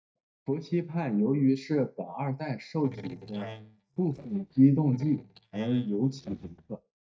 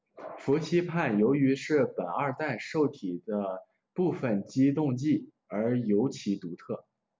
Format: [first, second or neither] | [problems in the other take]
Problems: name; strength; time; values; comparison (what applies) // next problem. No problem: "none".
second | noise reduction (neural mask model DeepFilterNet 3)